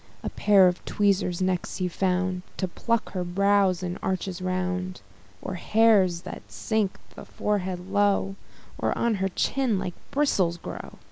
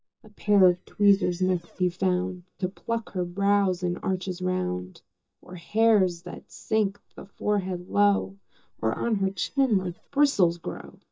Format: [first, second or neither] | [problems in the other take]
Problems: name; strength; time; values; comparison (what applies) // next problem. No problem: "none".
first | noise reduction (neural mask model DeepFilterNet 3)